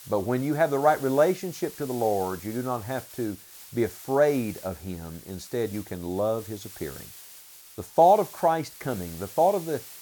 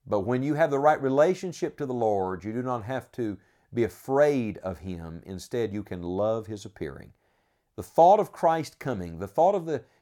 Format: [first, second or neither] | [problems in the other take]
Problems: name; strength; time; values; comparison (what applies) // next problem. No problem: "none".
second | hiss; noticeable; throughout; 15 dB below the speech